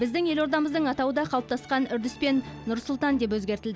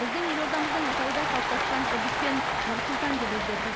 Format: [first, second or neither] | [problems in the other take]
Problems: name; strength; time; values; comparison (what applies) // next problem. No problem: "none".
first | background sound (Cheering); 4 dB above the speech